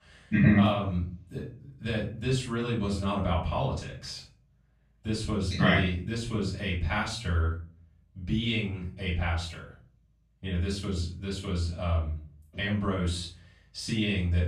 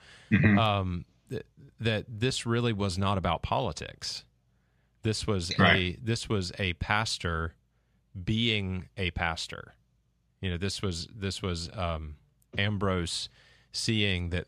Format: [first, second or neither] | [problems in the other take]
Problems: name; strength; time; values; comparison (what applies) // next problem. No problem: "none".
second | off-mic speech; far // room echo; noticeable; dies away in 0.4 s